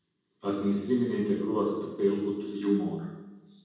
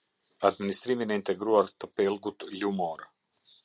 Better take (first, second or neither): second